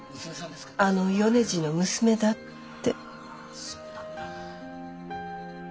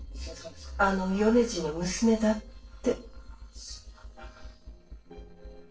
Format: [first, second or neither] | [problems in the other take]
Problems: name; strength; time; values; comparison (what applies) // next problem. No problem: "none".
first | noise reduction (neural separator model SepFormer DNS4)